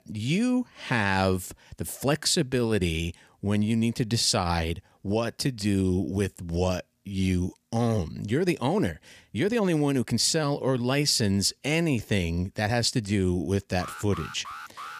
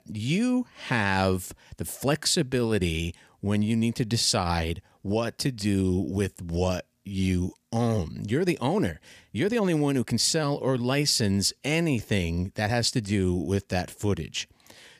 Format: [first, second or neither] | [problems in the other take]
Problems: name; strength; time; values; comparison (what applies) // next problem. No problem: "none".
second | alarm; faint; from 14 s on; peak 15 dB below the speech